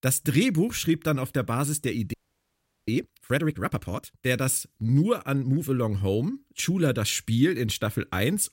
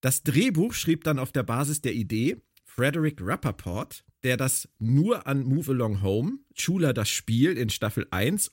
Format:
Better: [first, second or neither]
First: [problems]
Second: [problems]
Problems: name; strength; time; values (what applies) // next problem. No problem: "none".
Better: second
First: audio freezing; at 2 s for 0.5 s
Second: none